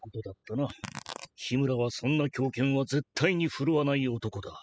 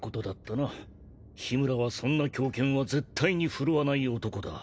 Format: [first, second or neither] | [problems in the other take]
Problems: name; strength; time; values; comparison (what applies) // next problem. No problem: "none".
second | noise reduction (classical method spectral subtraction)